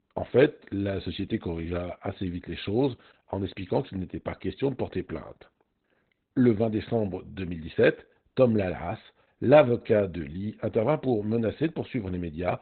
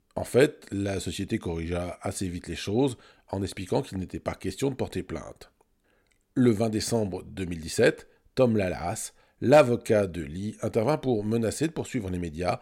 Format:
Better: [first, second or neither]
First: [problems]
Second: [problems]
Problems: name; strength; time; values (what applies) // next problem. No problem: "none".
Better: second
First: garbled, watery; badly; nothing above 4 kHz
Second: none